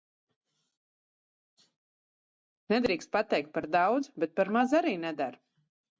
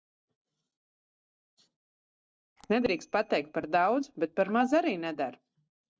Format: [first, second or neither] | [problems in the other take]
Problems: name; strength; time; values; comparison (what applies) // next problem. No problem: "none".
first | noise reduction (neural separator model SepFormer DNS4)